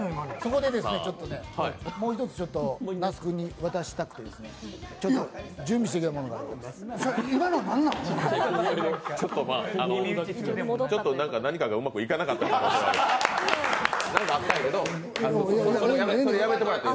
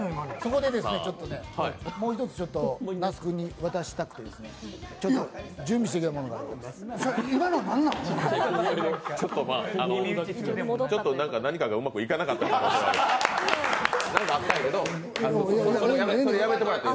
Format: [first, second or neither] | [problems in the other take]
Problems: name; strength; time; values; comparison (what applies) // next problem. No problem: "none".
first | background sound (Cowbell); 16 dB below the speech